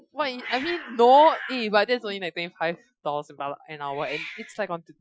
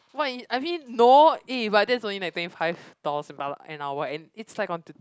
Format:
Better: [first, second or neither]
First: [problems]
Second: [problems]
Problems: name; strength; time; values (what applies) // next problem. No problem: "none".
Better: second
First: noise reduction (classical method Wiener filter)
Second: none